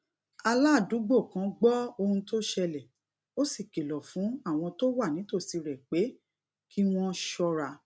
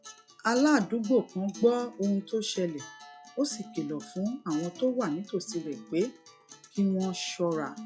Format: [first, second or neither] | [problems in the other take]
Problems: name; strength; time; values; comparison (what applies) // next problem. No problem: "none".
first | noise reduction (classical method log-MMSE)